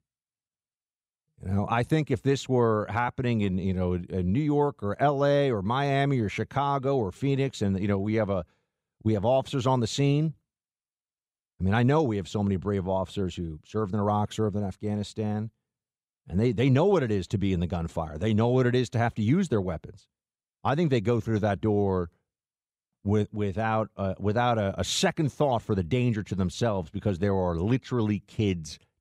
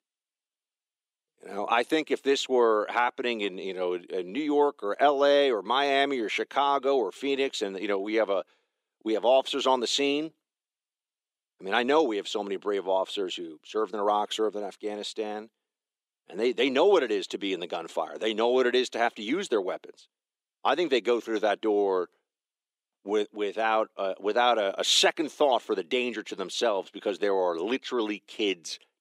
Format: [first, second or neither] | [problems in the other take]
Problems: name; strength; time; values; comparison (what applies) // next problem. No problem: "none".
first | thin; somewhat; fading below 300 Hz